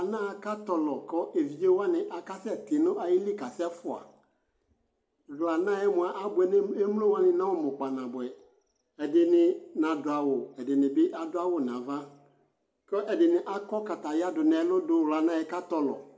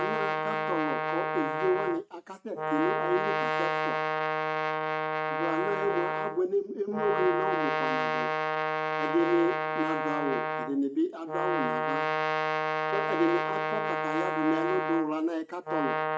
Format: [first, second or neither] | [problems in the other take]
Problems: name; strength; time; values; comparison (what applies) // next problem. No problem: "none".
first | noise reduction (neural mask model RNNoise)